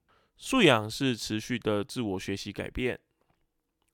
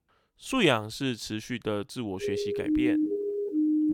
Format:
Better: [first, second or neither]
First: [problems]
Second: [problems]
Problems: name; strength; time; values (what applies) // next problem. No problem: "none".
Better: first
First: none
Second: siren; loud; from 2 s on; peak 5 dB above the speech